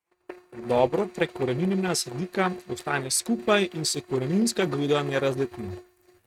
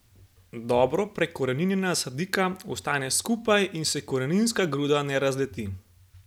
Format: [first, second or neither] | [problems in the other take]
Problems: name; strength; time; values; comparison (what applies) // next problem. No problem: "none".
second | noise reduction (neural mask model RNNoise)